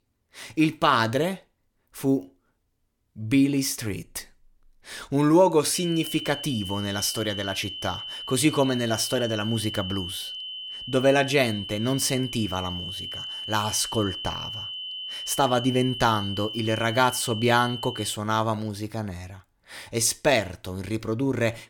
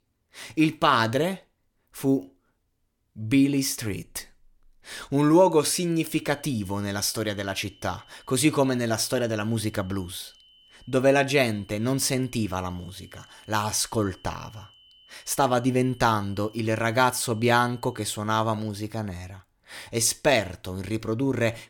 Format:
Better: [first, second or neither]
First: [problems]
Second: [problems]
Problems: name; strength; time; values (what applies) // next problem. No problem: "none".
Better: second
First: high-pitched whine; loud; from 6 to 18 s; 3 kHz, 8 dB below the speech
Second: high-pitched whine; faint; from 6 to 18 s; 3 kHz, 30 dB below the speech